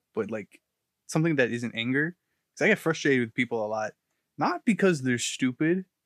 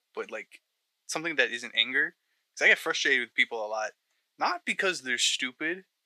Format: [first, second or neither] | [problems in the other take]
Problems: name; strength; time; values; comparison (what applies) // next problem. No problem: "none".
first | thin; very; fading below 600 Hz